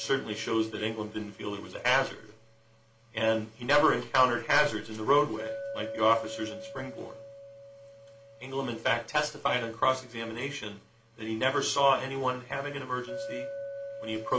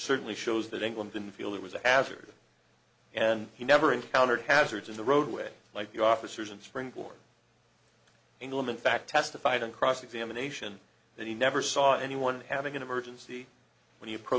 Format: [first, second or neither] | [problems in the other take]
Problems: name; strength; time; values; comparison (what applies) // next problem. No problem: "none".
second | background sound (Chink, clink); 14 dB below the speech // room echo; dies away in 0.2 s